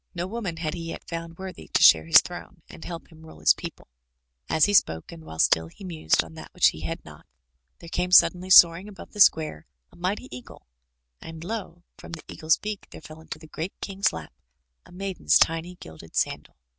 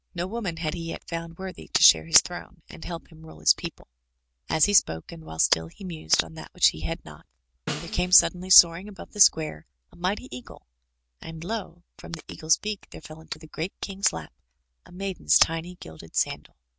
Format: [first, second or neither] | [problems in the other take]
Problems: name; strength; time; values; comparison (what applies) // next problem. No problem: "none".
first | background sound (Snare drum); 11 dB below the speech